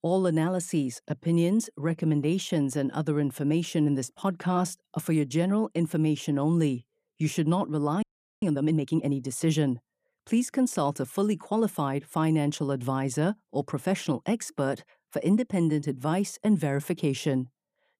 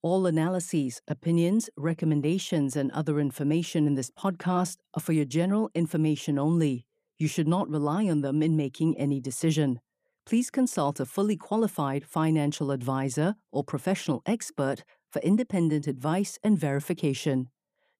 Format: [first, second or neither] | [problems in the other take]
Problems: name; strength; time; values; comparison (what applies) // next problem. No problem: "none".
second | audio freezing; at 8 s